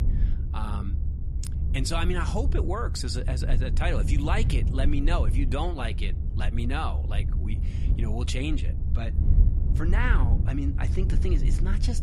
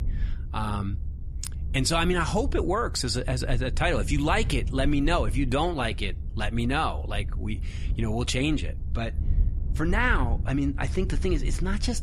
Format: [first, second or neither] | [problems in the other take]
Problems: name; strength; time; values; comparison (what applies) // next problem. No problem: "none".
second | low rumble; loud; throughout; 10 dB below the speech; faint in the second